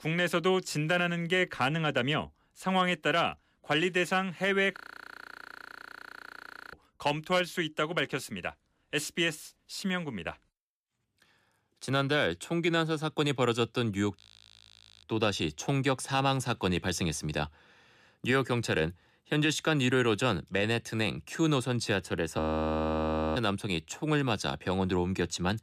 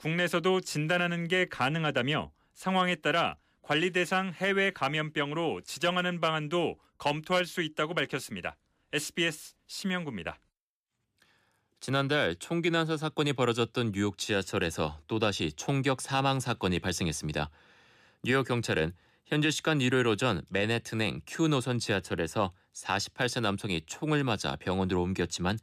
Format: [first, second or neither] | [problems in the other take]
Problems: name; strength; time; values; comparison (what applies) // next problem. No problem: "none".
second | audio freezing; at 5 s for 2 s, at 14 s for 1 s and at 22 s for 1 s